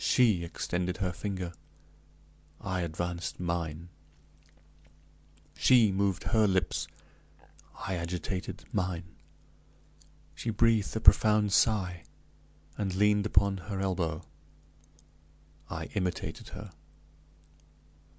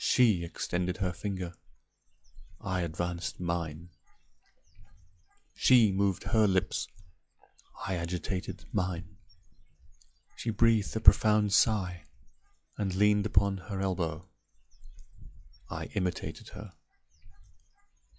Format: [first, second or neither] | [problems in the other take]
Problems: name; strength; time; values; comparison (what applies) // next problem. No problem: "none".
first | noise reduction (classical method log-MMSE)